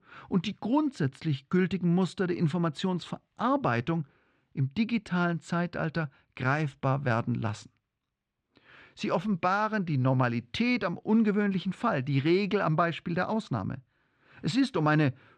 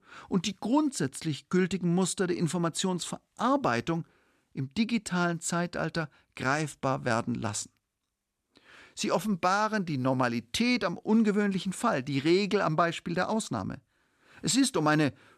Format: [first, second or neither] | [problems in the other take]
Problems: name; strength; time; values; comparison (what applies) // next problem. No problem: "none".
second | muffled; slightly; fading above 3 kHz